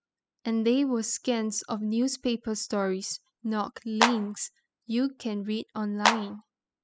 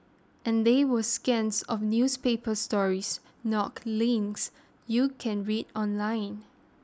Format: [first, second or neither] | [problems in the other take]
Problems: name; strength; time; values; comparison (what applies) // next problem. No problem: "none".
second | noise reduction (classical method spectral subtraction)